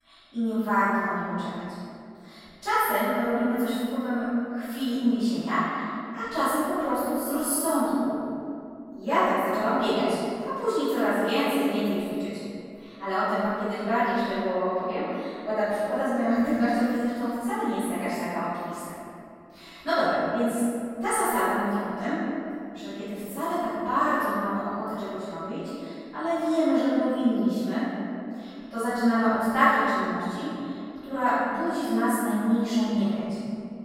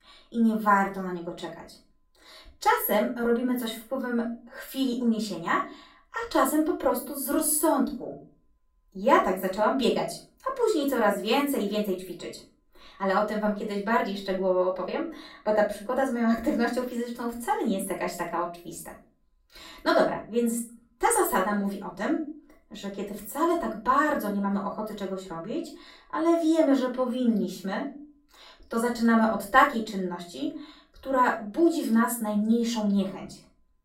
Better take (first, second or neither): second